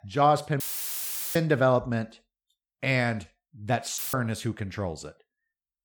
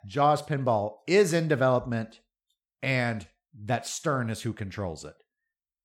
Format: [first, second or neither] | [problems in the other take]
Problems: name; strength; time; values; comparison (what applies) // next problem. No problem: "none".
second | audio cutting out; filled with static; at 0.5 s for 1 s and at 4 s